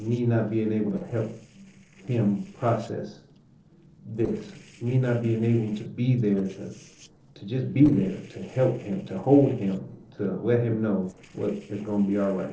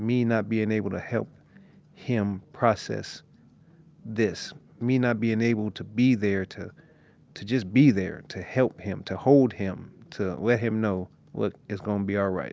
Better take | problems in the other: second | noise reduction (neural separator model SepFormer DNS4)

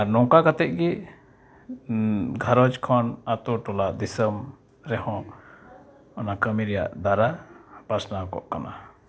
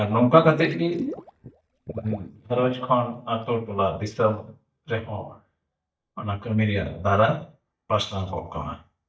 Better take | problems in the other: first | noise reduction (neural mask model DeepFilterNet 3)

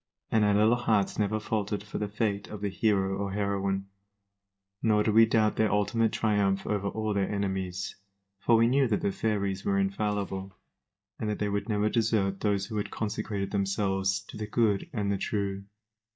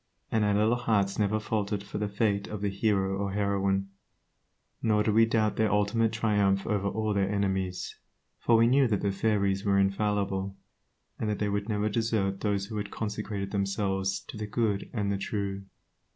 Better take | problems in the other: second | noise reduction (neural mask model DeepFilterNet 3)

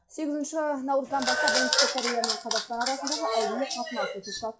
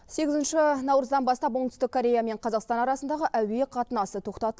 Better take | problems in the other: second | noise reduction (classical method WPE with log-MMSE)

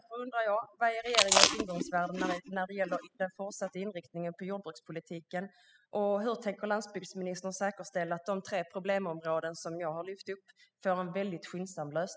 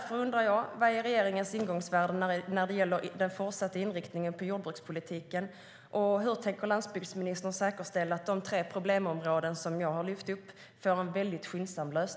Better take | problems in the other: second | noise reduction (classical method spectral subtraction)

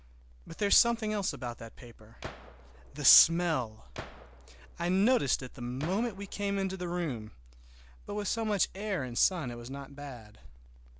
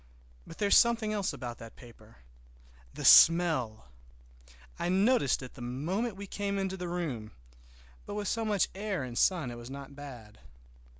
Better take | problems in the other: second | background sound (Gunshot, gunfire); 16 dB below the speech

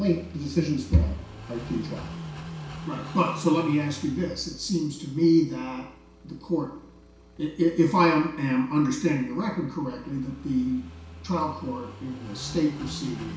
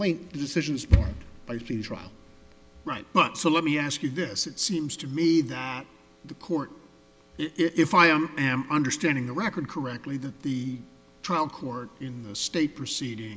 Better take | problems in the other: second | background sound (Car passing by / Idling); 15 dB below the speech // room echo; dies away in 0.6 s

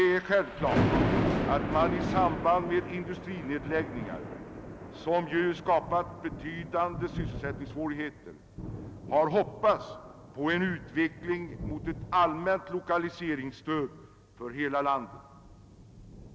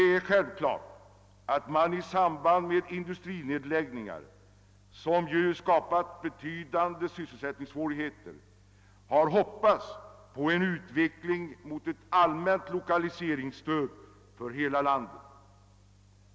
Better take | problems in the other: second | background sound (Thunder); 5 dB below the speech

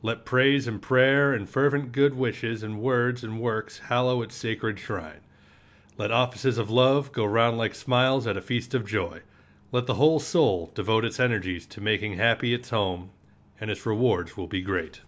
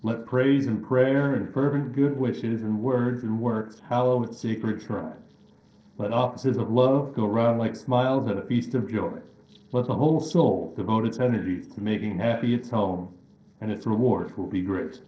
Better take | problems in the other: first | noise reduction (neural separator model SepFormer DNS4)

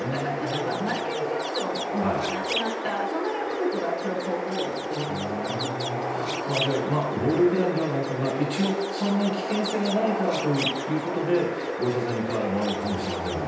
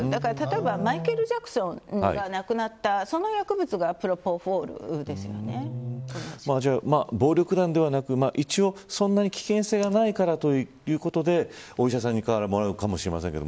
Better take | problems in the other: second | background sound (Chirp, tweet); 3 dB below the speech // room echo; dies away in 0.9 s

